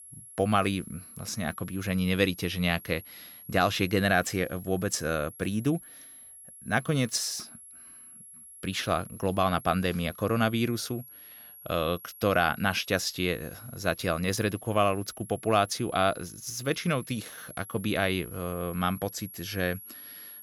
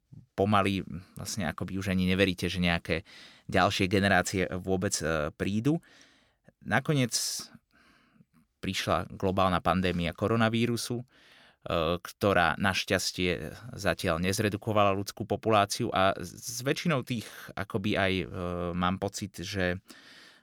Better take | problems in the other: second | high-pitched whine; noticeable; throughout; 11 kHz, 15 dB below the speech

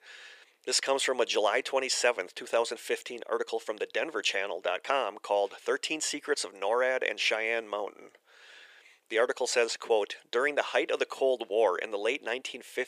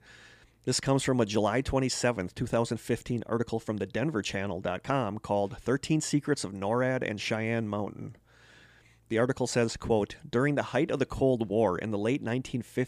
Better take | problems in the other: second | thin; very; fading below 450 Hz

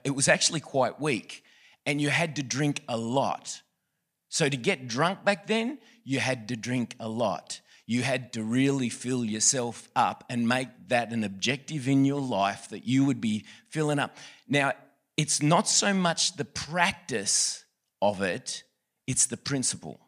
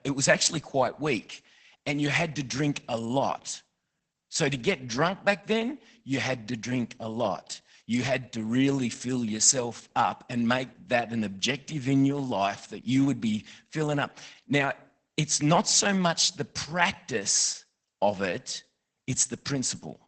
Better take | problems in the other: first | garbled, watery; badly; nothing above 8 kHz

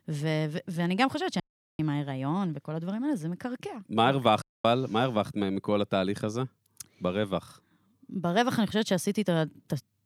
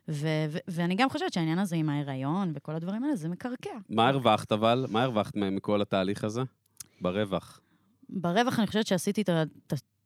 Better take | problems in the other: second | audio cutting out; at 1.5 s and at 4.5 s

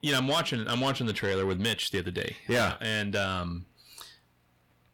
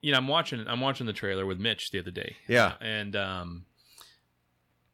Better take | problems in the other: second | distortion; heavy; 6 dB below the speech

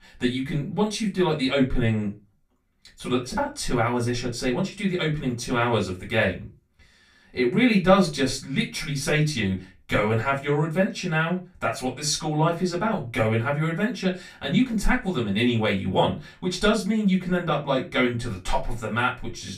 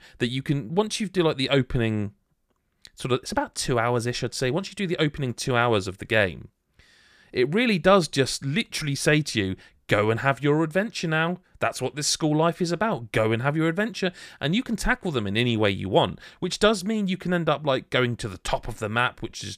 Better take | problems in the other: second | off-mic speech; far // room echo; very slight; dies away in 0.2 s

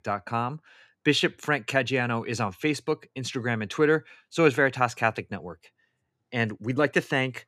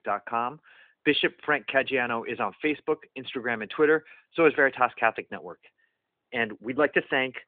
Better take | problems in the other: first | phone-call audio; nothing above 3.5 kHz

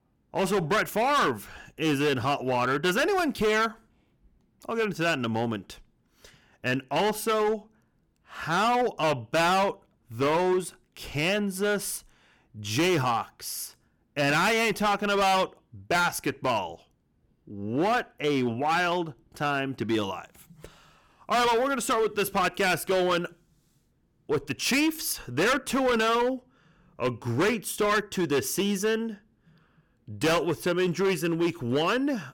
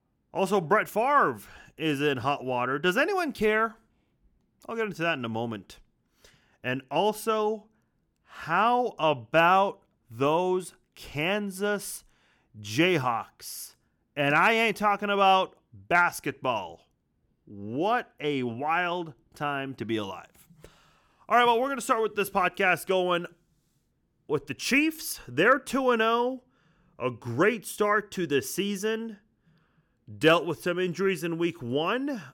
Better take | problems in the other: second | distortion; heavy; 12% of the sound clipped

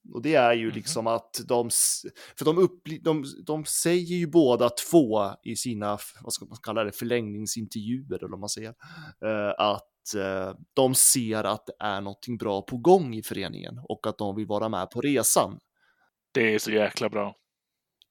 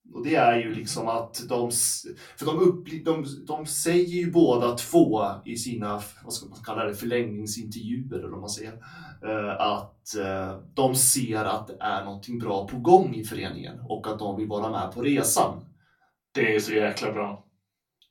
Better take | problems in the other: first | off-mic speech; far // room echo; very slight; dies away in 0.3 s

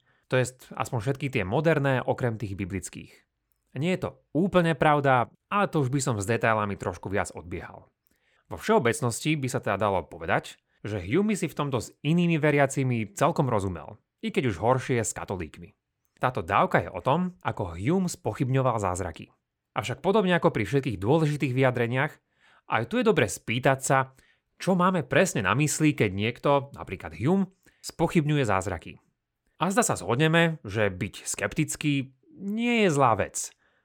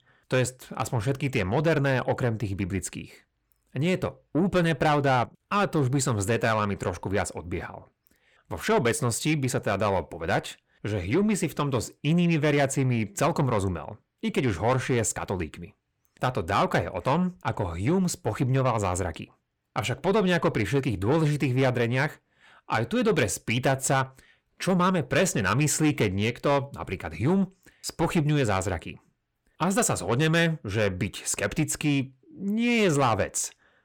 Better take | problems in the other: first | distortion; slight; 10 dB below the speech

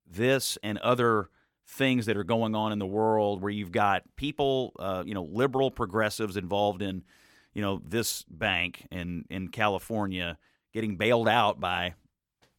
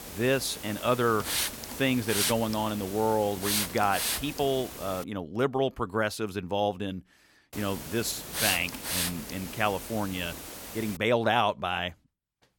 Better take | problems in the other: first | hiss; loud; until 5 s and from 7.5 to 11 s; 4 dB below the speech

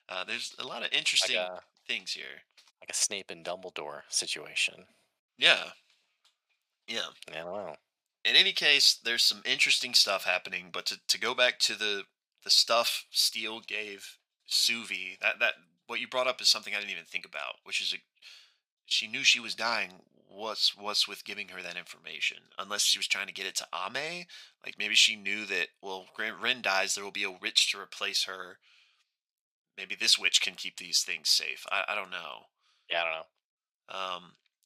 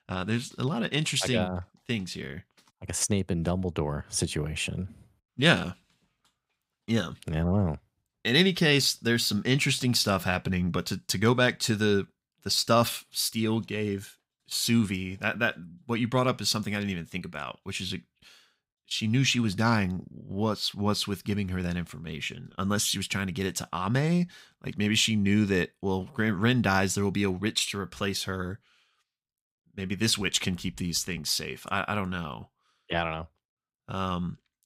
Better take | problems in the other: second | thin; very; fading below 600 Hz

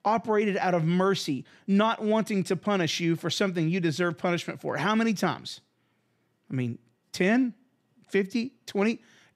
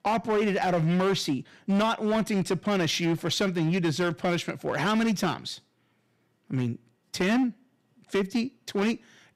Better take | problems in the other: first | distortion; slight; 11% of the sound clipped

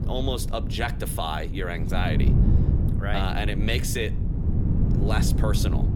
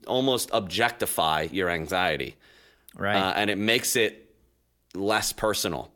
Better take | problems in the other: second | wind noise on the microphone; heavy; 7 dB below the speech

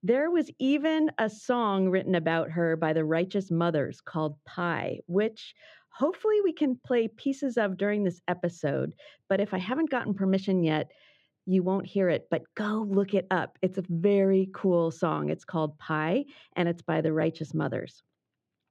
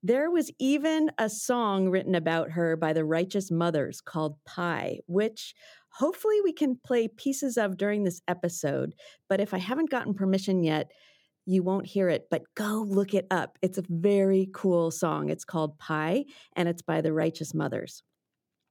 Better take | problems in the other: second | muffled; slightly; fading above 3 kHz

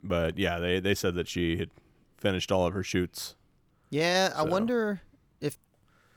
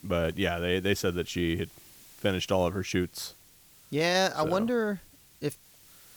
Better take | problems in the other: first | hiss; faint; throughout; 25 dB below the speech

